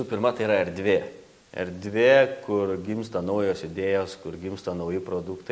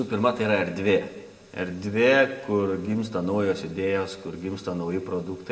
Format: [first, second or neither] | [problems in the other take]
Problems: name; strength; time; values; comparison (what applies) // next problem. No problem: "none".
first | room echo; dies away in 1.3 s